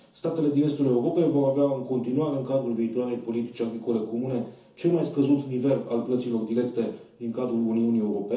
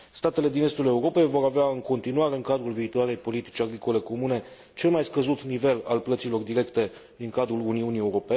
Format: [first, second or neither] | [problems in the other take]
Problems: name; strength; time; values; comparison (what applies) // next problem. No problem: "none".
second | room echo; dies away in 0.9 s